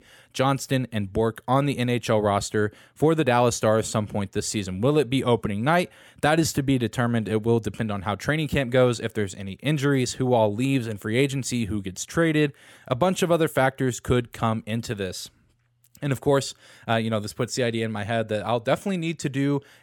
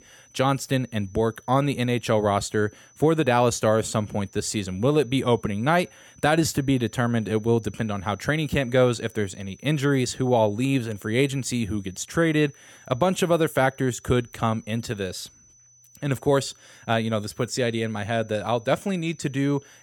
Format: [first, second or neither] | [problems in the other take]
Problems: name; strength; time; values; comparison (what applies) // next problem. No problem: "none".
first | high-pitched whine; faint; throughout; 6 kHz, 30 dB below the speech